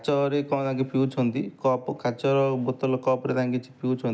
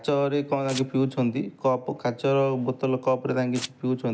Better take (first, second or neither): first